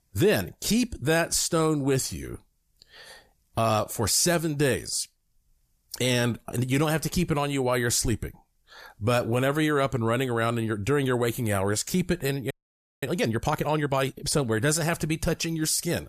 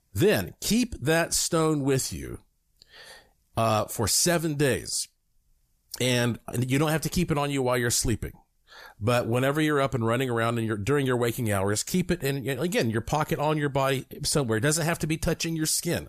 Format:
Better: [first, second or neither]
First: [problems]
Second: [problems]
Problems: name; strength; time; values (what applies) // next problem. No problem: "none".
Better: second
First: audio freezing; at 13 s for 0.5 s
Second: none